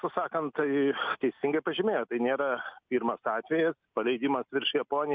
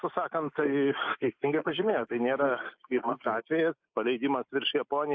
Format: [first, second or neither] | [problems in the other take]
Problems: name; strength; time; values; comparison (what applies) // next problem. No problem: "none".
first | noise reduction (neural mask model Resemble Enhance denoiser)